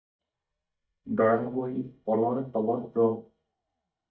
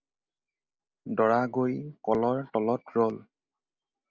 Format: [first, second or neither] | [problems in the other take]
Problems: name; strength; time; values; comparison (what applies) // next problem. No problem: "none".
second | noise reduction (neural mask model DeepFilterNet 3)